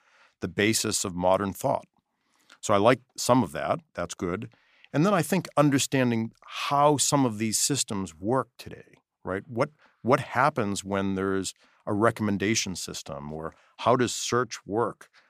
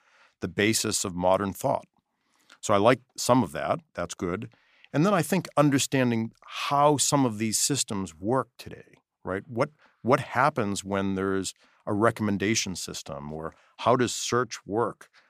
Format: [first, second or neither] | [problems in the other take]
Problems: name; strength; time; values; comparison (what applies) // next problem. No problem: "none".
neither | none